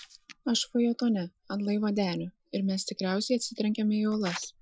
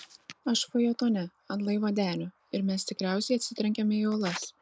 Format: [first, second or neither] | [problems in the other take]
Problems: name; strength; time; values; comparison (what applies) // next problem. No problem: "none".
second | noise reduction (classical method Wiener filter)